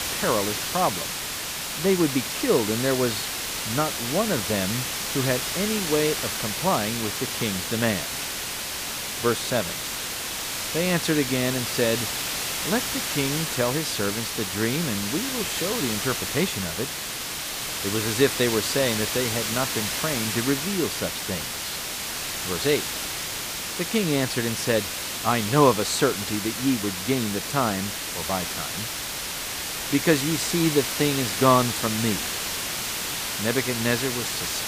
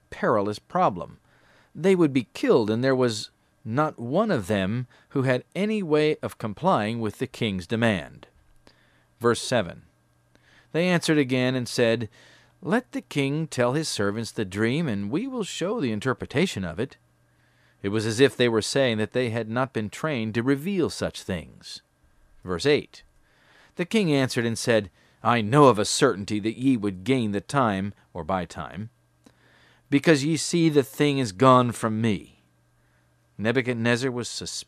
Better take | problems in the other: second | hiss; loud; throughout; 1 dB below the speech

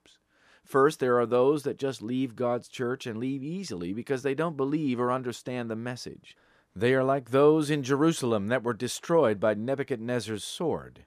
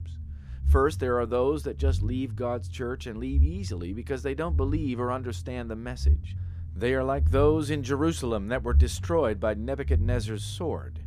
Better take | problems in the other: first | low rumble; noticeable; throughout; 20 dB below the speech

